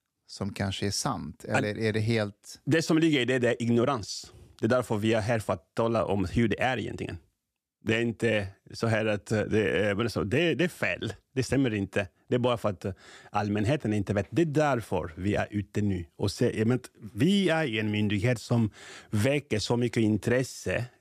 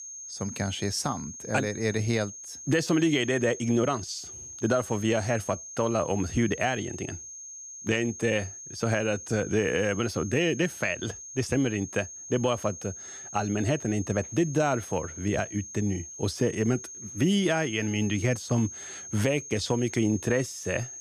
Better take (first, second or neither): first